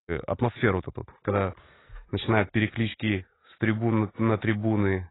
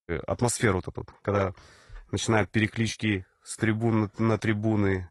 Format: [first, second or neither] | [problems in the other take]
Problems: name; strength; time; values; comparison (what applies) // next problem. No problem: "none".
second | garbled, watery; badly; nothing above 4 kHz; slightly in the second